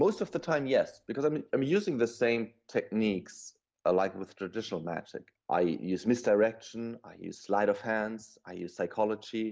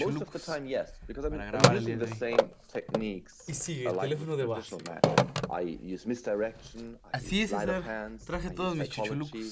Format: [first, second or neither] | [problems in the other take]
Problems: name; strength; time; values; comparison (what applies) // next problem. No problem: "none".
first | background sound (Telephone); 4 dB above the speech